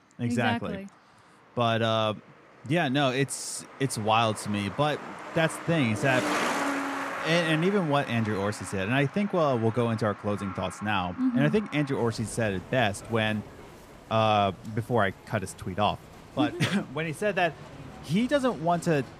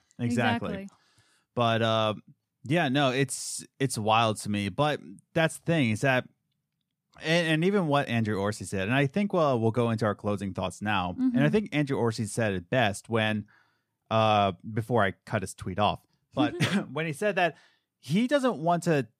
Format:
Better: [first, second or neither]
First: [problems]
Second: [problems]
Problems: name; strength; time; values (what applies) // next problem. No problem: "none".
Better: second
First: traffic noise; noticeable; throughout; 10 dB below the speech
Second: none